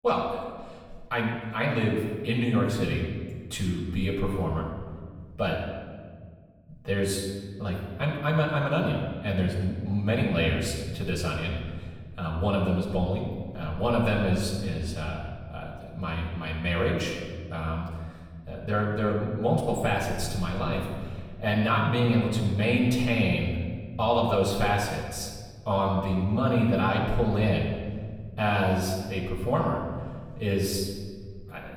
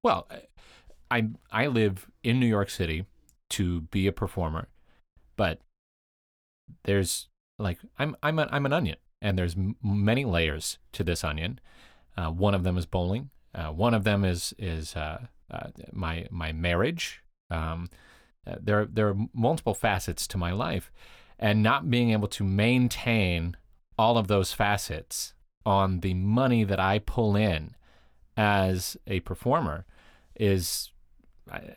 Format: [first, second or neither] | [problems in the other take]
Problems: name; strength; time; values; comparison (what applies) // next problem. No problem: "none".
second | off-mic speech; far // room echo; noticeable; dies away in 1.6 s